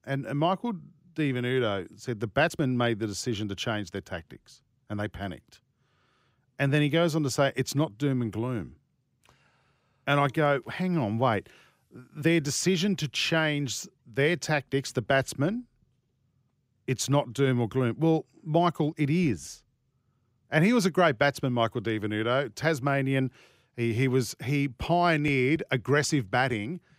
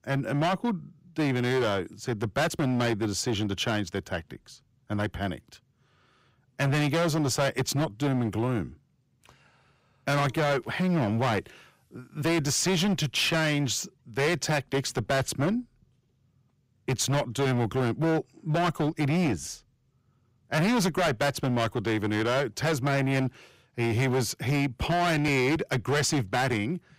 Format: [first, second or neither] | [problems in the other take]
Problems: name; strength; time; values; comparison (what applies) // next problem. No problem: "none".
first | distortion; heavy; 16% of the sound clipped